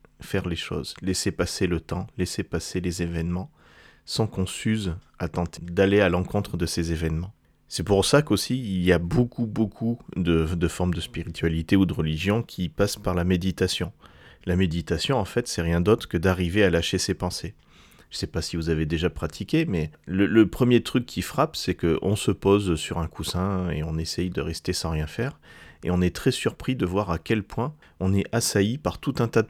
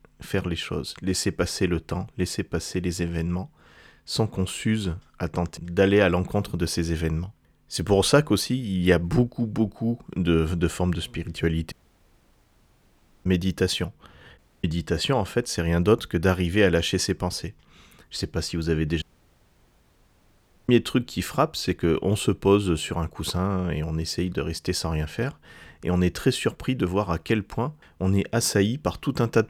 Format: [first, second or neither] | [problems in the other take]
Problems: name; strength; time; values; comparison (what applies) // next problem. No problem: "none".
first | audio cutting out; at 12 s for 1.5 s, at 14 s and at 19 s for 1.5 s